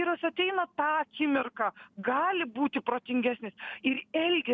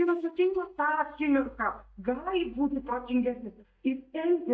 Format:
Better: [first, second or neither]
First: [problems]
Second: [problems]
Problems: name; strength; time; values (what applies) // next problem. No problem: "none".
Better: first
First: none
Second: noise reduction (neural mask model DeepFilterNet 3)